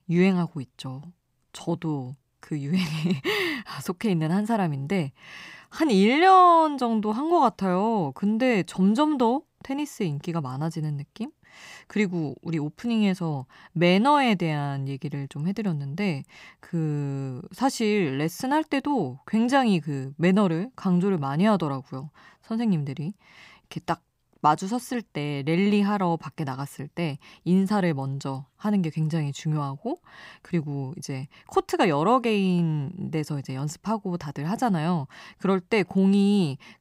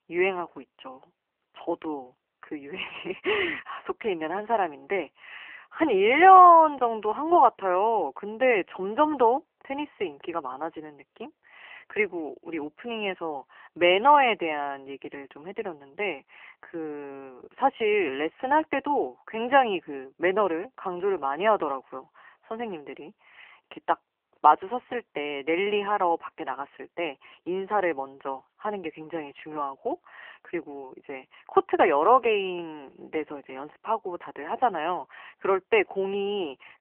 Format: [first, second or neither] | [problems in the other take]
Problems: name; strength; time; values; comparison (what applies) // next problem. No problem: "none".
first | phone-call audio; poor line; nothing above 3 kHz